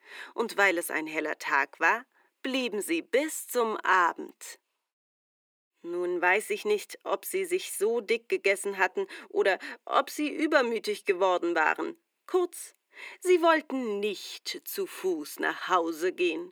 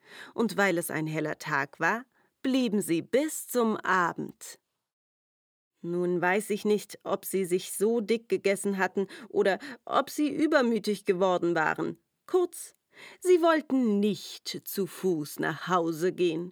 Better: second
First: thin; somewhat; fading below 300 Hz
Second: none

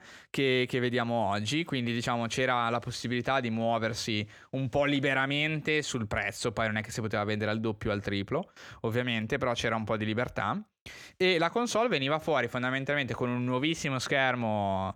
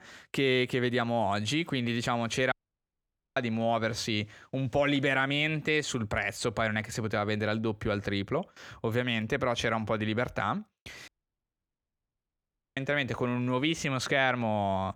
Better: first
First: none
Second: audio cutting out; at 2.5 s for 1 s and at 11 s for 1.5 s

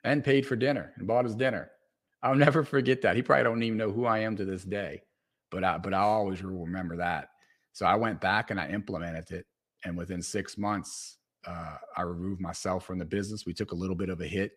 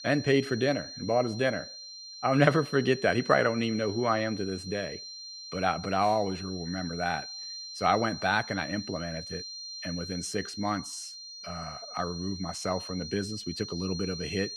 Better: first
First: none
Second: high-pitched whine; noticeable; throughout; 4 kHz, 10 dB below the speech

